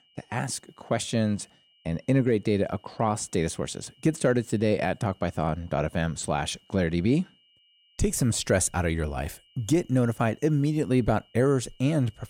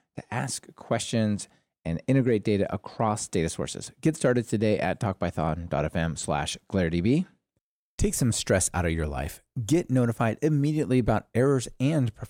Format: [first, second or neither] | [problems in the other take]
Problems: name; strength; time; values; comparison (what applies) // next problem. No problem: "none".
second | high-pitched whine; faint; throughout; 3 kHz, 35 dB below the speech